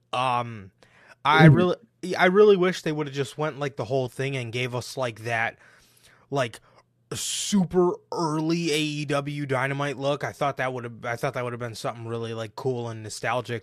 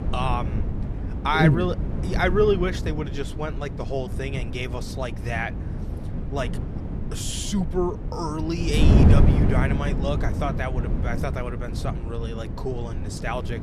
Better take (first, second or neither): first